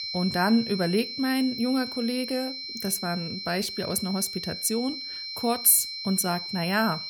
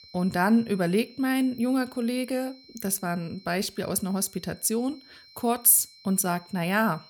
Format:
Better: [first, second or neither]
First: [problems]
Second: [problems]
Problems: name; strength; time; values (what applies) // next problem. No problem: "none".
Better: second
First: high-pitched whine; loud; throughout; 4 kHz, 7 dB below the speech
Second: high-pitched whine; faint; throughout; 4 kHz, 25 dB below the speech